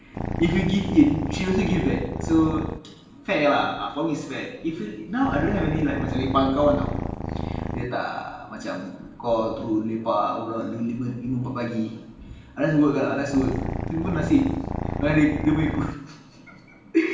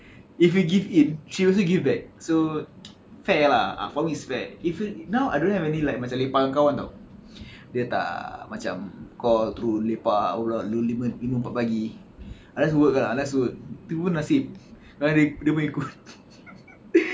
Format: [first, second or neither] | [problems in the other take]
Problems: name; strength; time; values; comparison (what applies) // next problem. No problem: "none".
second | background sound (Purr); 4 dB below the speech // room echo; dies away in 0.8 s